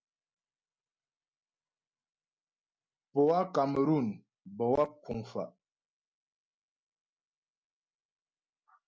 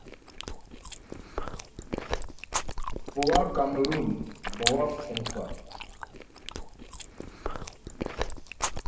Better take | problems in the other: first | background sound (Chewing, mastication); 1 dB below the speech // room echo; dies away in 0.8 s

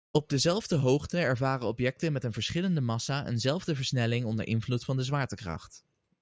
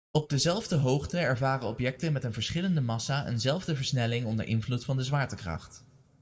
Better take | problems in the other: first | room echo; dies away in 1 s

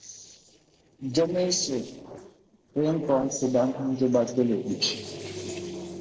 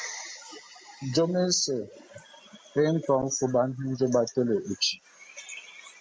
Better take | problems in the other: second | noise reduction (neural separator model SepFormer DNS4)

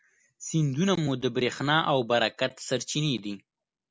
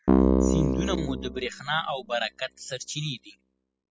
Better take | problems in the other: first | noise reduction (classical method spectral subtraction)

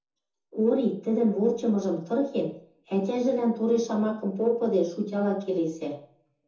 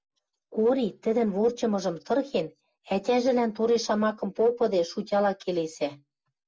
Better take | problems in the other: second | room echo; dies away in 0.6 s

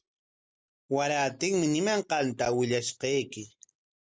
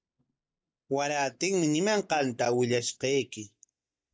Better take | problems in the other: first | noise reduction (neural mask model DeepFilterNet 3)

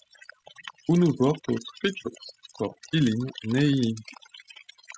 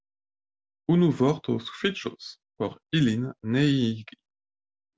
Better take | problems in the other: second | noise reduction (classical method spectral subtraction)

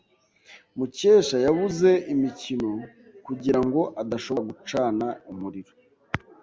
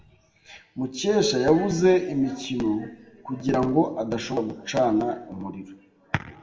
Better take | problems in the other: first | room echo; dies away in 0.7 s

